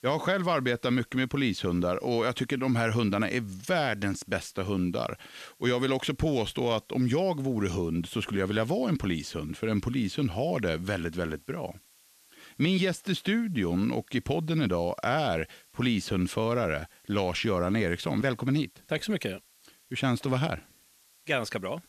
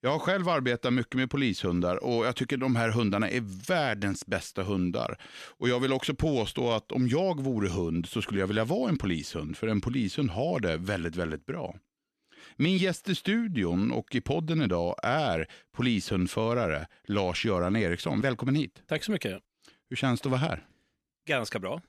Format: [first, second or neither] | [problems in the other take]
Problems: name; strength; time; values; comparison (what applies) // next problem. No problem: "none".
second | hiss; faint; throughout; 30 dB below the speech